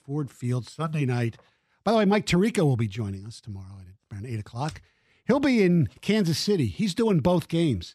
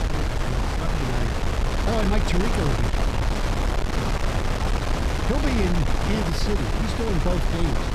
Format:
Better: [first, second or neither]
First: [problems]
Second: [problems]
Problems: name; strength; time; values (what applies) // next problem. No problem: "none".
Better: first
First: none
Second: wind noise on the microphone; heavy; 3 dB above the speech